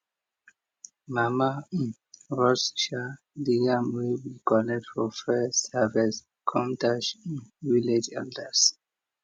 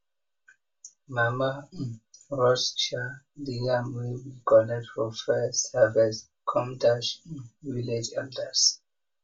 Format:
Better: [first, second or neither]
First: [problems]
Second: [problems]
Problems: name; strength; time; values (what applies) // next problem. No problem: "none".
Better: first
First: none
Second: room echo; dies away in 0.2 s